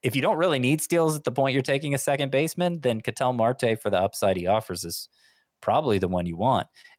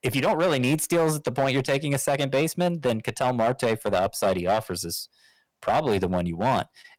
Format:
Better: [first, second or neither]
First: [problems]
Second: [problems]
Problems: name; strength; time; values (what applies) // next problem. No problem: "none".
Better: first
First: none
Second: distortion; slight; 8% of the sound clipped